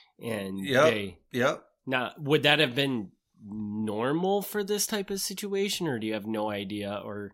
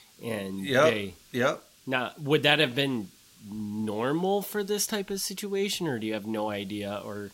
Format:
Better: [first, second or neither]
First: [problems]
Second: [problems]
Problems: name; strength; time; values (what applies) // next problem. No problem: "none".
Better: first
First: none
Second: hiss; faint; throughout; 25 dB below the speech